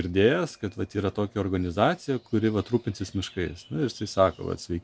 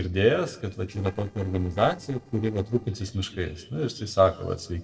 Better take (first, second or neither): first